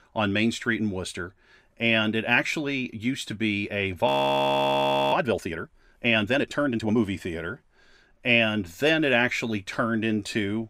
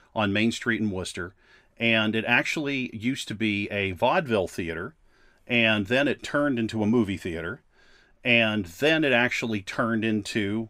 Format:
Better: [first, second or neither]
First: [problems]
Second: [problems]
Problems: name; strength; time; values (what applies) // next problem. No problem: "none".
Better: second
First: audio freezing; at 4 s for 1 s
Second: none